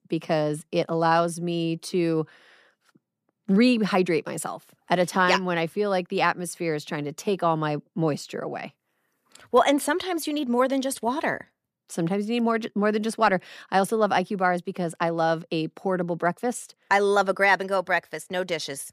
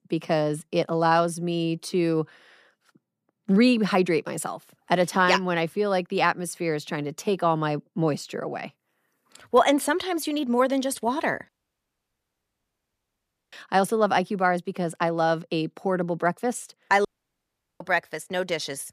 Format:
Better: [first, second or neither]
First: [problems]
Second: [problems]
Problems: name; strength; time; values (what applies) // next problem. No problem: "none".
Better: first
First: none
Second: audio cutting out; at 11 s for 2 s and at 17 s for 1 s